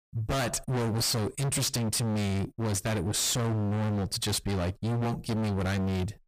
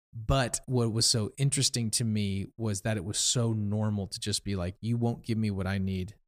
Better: second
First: distortion; heavy; 46% of the sound clipped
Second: none

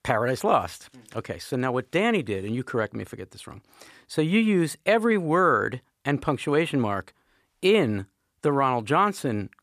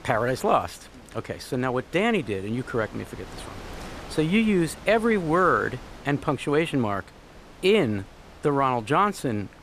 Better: first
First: none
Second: wind noise on the microphone; occasional gusts; 20 dB below the speech

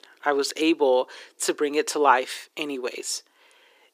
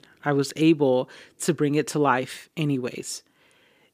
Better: second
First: thin; somewhat; fading below 350 Hz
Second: none

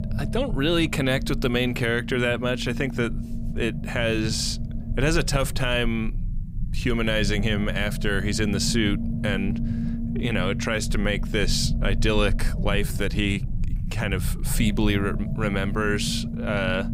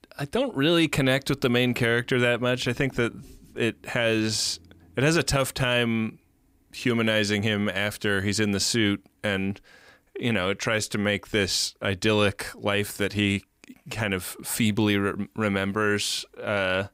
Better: second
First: low rumble; noticeable; throughout; 15 dB below the speech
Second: none

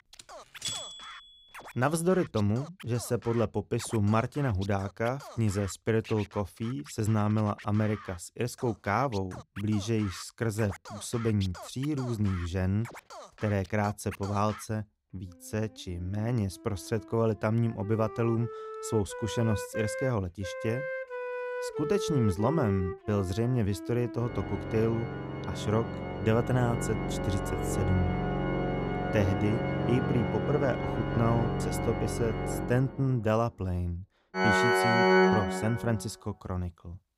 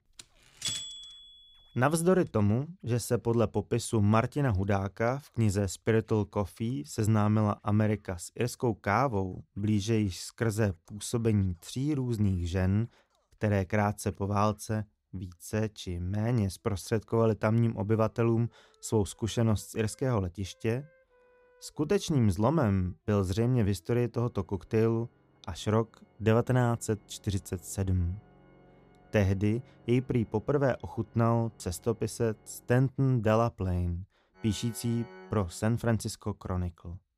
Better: second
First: background music; loud; throughout; 1 dB below the speech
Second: background music; faint; throughout; 30 dB below the speech

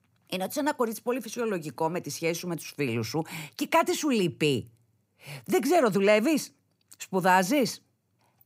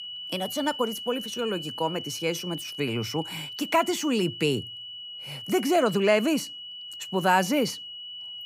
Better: first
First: none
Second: high-pitched whine; loud; throughout; 3 kHz, 9 dB below the speech

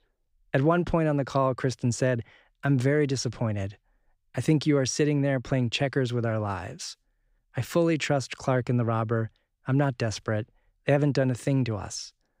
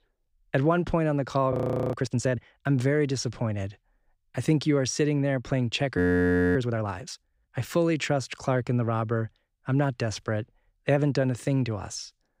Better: first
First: none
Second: audio freezing; at 1.5 s and at 6 s for 0.5 s

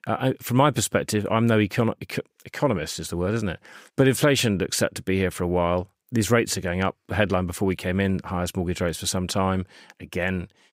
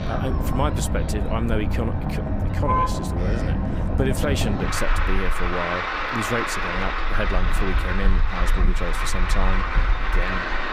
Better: first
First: none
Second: traffic noise; very loud; throughout; 5 dB above the speech

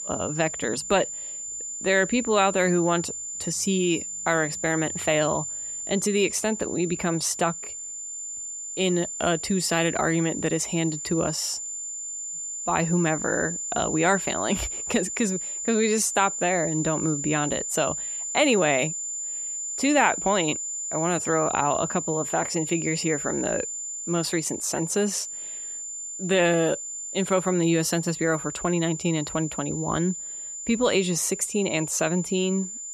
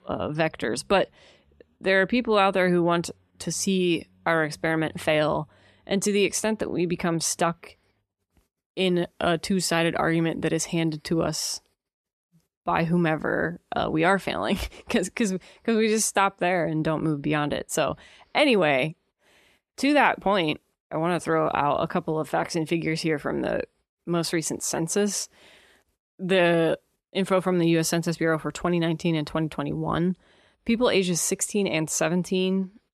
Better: second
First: high-pitched whine; loud; throughout; 7 kHz, 5 dB below the speech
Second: none

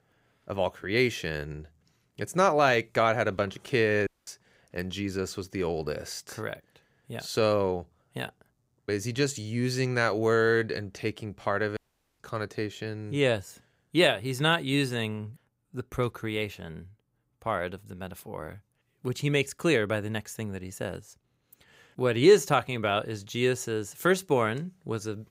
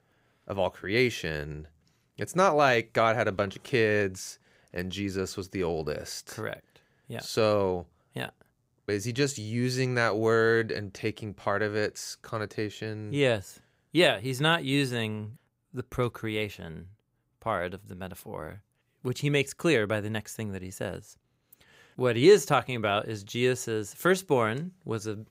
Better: second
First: audio cutting out; at 4 s and at 12 s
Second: none

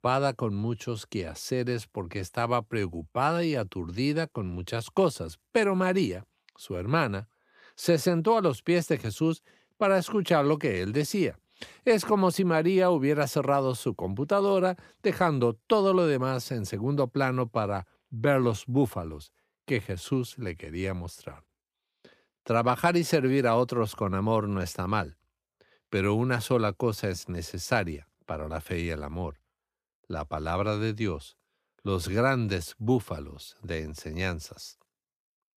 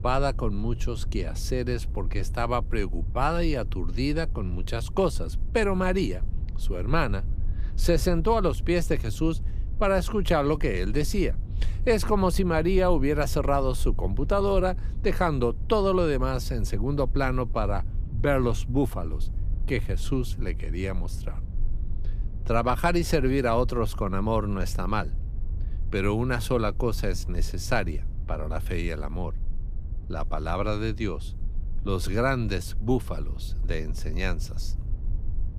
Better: first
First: none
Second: low rumble; faint; throughout; 25 dB below the speech

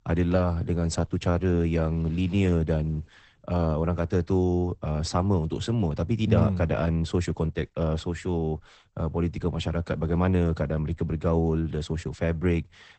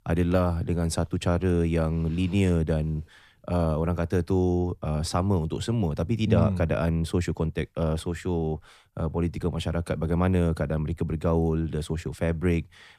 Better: second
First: garbled, watery; badly; nothing above 8 kHz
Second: none

